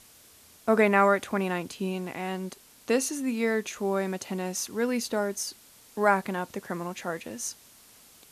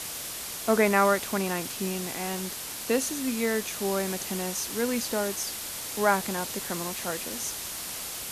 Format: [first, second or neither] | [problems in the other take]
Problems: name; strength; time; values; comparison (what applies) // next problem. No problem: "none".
first | hiss; loud; throughout; 4 dB below the speech; faint in the first